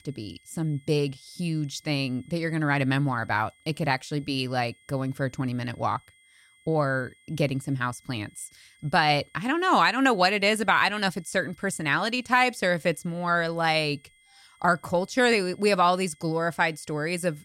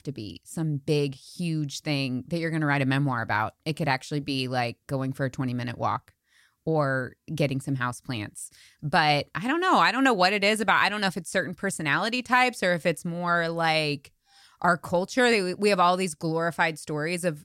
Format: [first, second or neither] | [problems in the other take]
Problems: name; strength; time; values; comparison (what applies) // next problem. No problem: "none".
second | high-pitched whine; faint; throughout; 2 kHz, 30 dB below the speech